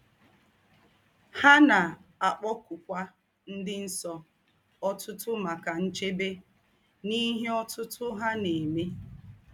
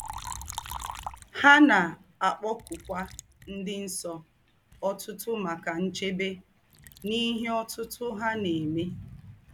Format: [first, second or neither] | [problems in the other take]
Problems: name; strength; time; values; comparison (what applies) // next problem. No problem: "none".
first | background sound (Liquid); 17 dB below the speech